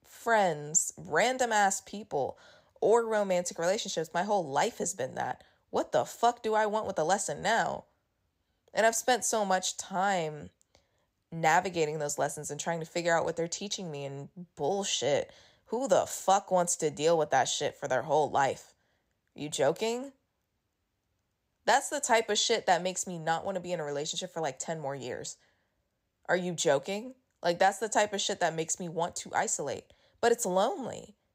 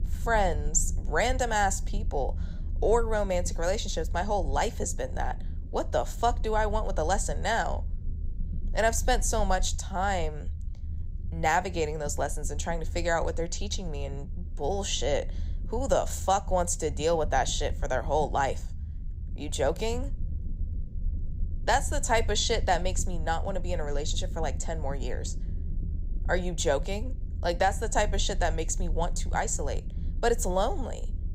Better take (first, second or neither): first